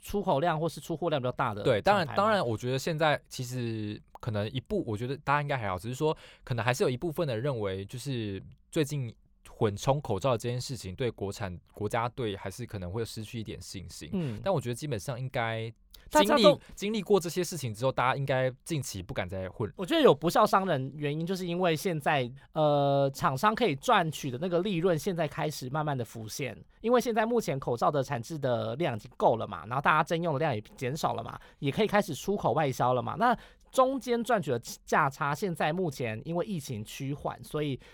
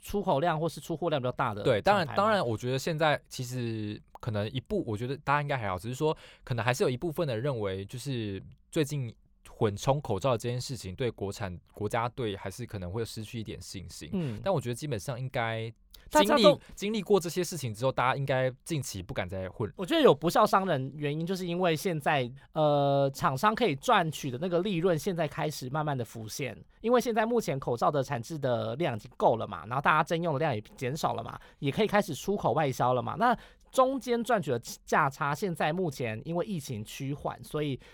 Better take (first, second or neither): neither